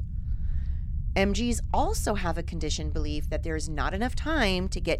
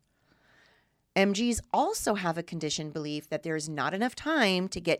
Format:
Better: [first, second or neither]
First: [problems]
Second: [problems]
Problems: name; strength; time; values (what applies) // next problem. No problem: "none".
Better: second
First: low rumble; faint; throughout; 20 dB below the speech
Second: none